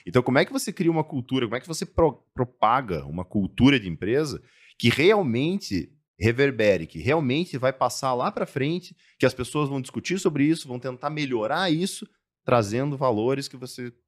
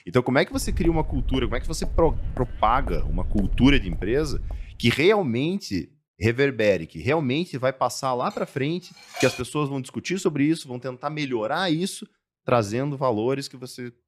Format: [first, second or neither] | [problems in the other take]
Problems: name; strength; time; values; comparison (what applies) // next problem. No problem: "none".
first | footsteps; noticeable; from 0.5 to 5 s; peak 7 dB below the speech // clattering dishes; noticeable; from 8.5 to 9.5 s; peak 6 dB below the speech